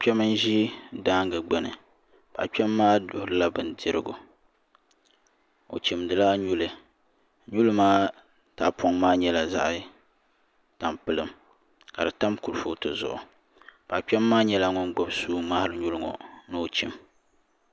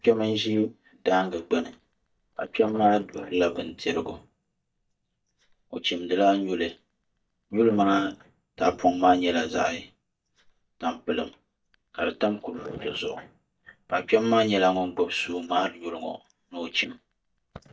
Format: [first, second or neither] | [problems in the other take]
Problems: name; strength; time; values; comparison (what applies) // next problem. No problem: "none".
first | noise reduction (neural mask model DeepFilterNet 3)